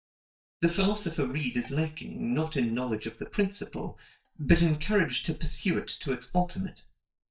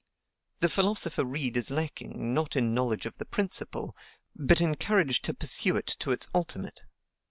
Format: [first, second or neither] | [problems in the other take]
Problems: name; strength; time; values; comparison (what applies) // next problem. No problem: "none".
second | noise reduction (neural mask model DeepFilterNet 3)